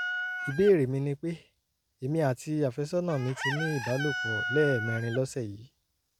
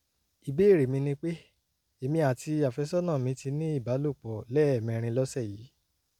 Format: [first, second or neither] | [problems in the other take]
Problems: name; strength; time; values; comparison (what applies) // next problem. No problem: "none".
second | background sound (Chicken, rooster); 7 dB below the speech